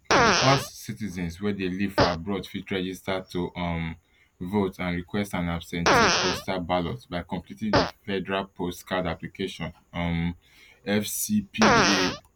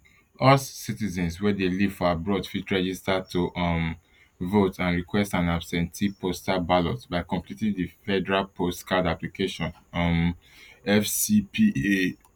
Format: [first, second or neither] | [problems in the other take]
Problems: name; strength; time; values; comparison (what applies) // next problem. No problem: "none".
second | background sound (Fart); as loud as the speech